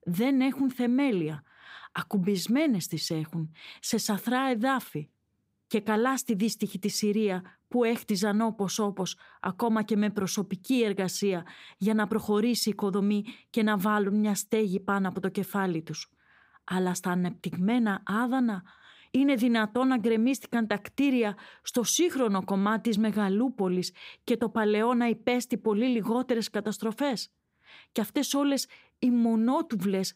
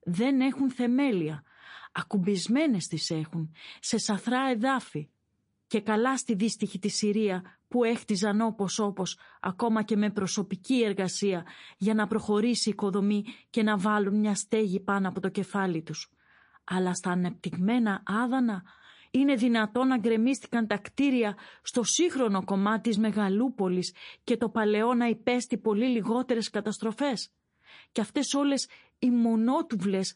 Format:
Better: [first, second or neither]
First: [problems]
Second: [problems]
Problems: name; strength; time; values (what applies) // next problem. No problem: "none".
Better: first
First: none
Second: garbled, watery; slightly; nothing above 10.5 kHz